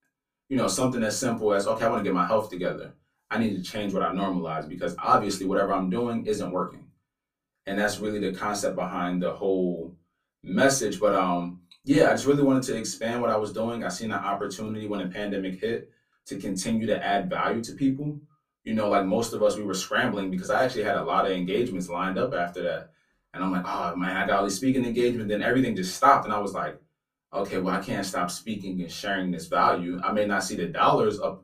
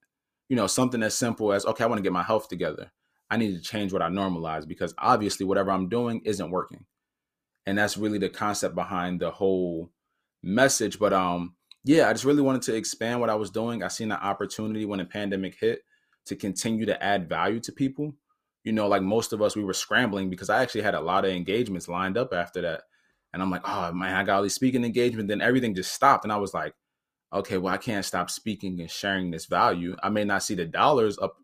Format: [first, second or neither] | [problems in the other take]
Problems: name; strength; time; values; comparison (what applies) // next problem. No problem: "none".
second | off-mic speech; far // room echo; very slight; dies away in 0.2 s